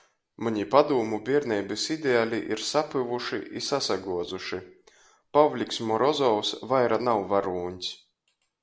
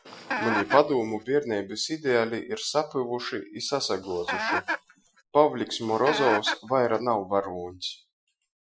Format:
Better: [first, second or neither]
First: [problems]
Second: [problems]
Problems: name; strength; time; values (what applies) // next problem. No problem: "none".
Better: first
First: none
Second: noise reduction (classical method Wiener filter)